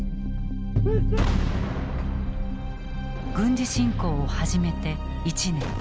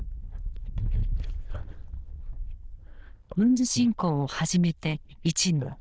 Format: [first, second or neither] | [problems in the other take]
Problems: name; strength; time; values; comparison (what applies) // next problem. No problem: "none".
first | noise reduction (neural diffusion model UNIVERSE++)